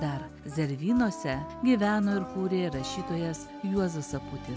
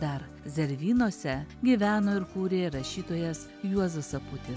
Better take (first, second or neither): second